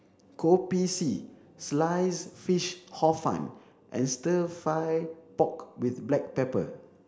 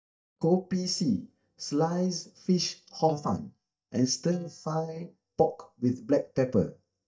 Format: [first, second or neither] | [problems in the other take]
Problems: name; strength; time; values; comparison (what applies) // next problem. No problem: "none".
first | noise reduction (neural mask model DeepFilterNet 3)